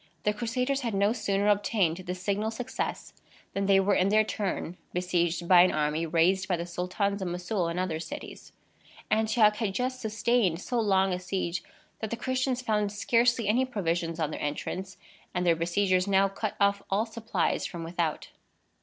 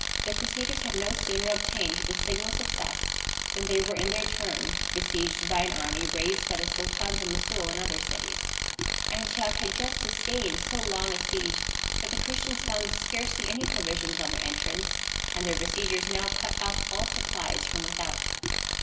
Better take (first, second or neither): first